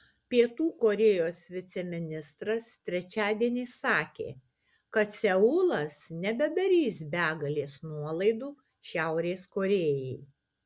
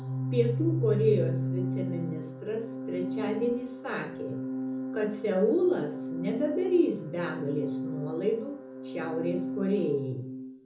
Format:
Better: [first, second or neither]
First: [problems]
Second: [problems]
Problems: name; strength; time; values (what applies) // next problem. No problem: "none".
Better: first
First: none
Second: background sound (Organ); 3 dB below the speech // room echo; dies away in 1 s